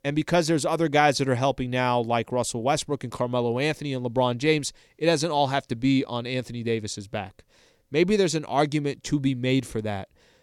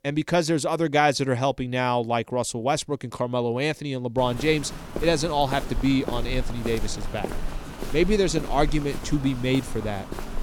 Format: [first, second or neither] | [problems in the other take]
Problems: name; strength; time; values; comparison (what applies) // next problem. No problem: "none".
first | footsteps; noticeable; from 4 s on; peak 8 dB below the speech